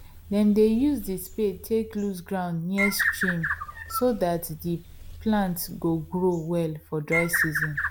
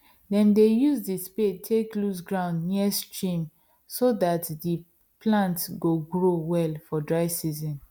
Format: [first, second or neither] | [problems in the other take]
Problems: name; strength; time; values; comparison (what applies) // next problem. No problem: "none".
second | background sound (Bird); 6 dB below the speech